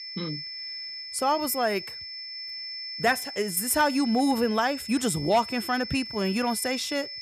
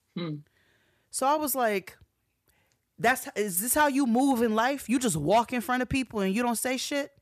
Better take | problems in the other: second | high-pitched whine; loud; throughout; 5.5 kHz, 8 dB below the speech

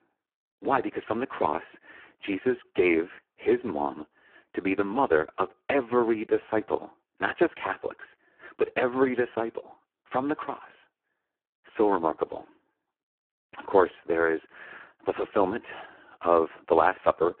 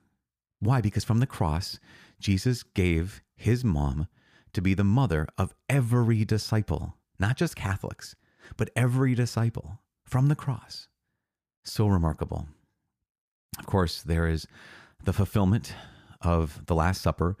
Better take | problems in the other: second | phone-call audio; poor line

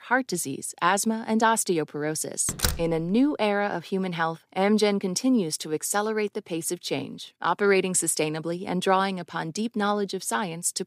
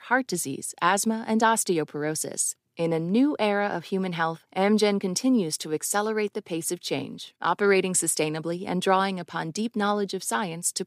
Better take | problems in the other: second | door banging; noticeable; at 2.5 s; peak 2 dB below the speech

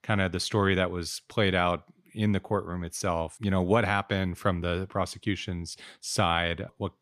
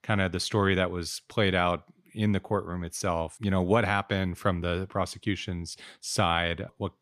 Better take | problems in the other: neither | none

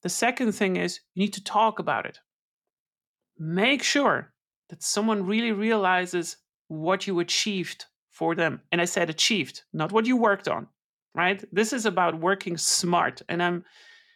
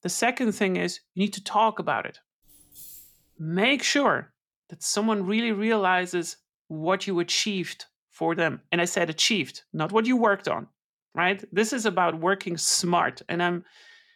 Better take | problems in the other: first | jangling keys; faint; at 2.5 s; peak 20 dB below the speech

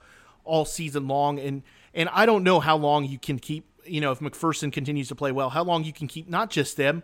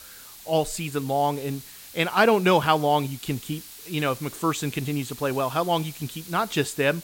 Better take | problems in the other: first | hiss; noticeable; throughout; 15 dB below the speech

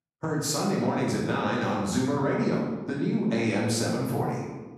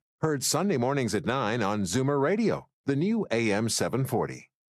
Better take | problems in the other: second | room echo; noticeable; dies away in 1 s // off-mic speech; far

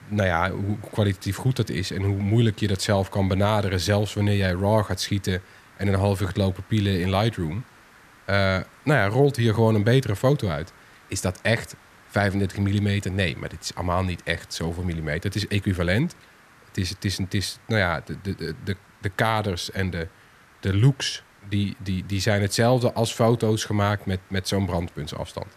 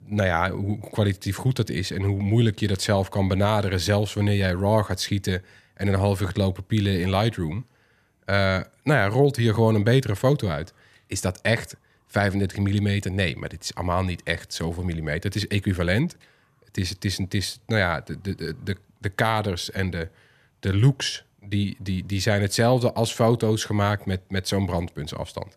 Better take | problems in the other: second | hiss; faint; throughout; 25 dB below the speech

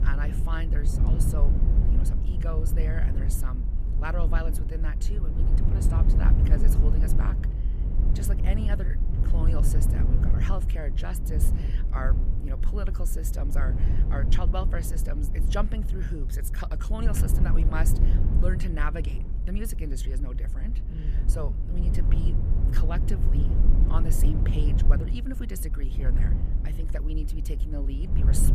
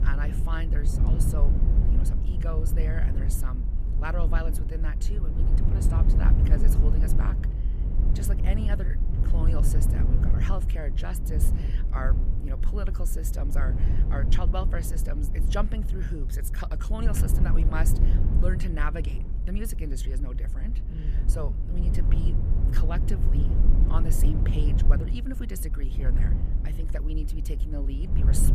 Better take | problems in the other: neither | low rumble; loud; throughout; 3 dB below the speech; the same in both

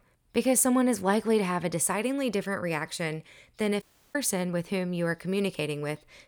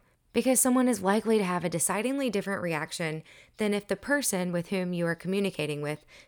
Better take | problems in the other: second | audio cutting out; at 4 s

